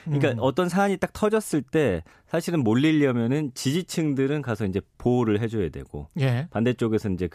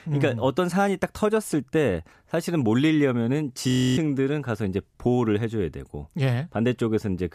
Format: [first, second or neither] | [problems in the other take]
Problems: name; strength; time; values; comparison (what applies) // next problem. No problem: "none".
first | audio freezing; at 3.5 s